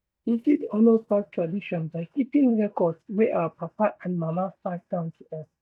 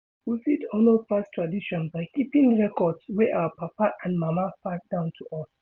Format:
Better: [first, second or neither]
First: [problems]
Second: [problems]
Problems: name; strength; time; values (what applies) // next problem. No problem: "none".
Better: second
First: noise reduction (neural mask model DeepFilterNet 3)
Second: none